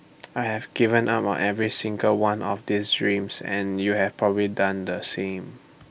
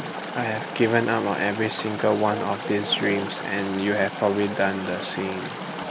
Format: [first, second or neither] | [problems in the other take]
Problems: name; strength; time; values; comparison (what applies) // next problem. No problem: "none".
first | background sound (Chatter / Stream); 7 dB below the speech